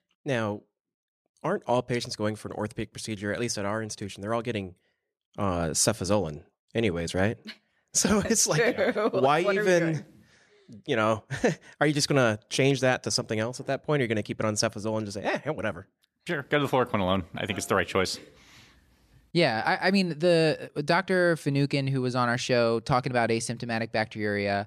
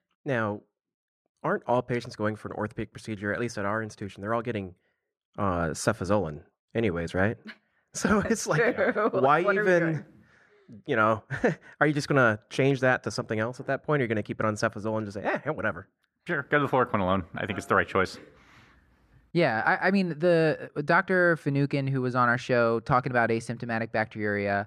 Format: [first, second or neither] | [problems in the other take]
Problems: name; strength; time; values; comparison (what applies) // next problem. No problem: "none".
first | muffled; slightly; fading above 3 kHz